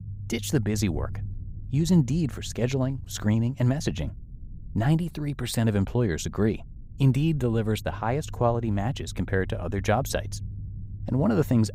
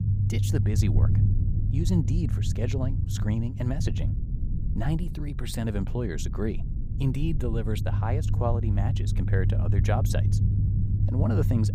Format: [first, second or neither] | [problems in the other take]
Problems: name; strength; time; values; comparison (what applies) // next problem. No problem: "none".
first | low rumble; loud; throughout; 5 dB below the speech; faint in the first